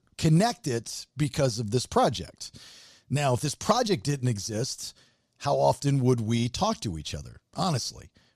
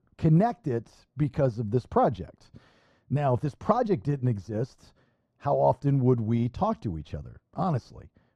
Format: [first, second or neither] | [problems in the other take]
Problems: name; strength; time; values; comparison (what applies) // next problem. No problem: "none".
first | muffled; very; fading above 3 kHz